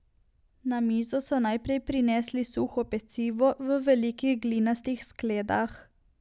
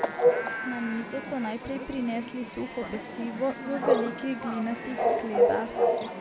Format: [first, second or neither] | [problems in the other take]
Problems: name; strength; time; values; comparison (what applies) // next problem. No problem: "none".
first | background sound (Bark / Chatter / Chirp, tweet / Livestock, farm animals, working animals); 4 dB above the speech